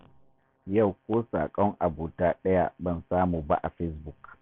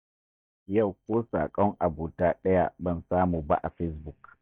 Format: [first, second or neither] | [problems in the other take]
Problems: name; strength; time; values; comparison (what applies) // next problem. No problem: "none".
first | noise reduction (neural mask model DeepFilterNet 3)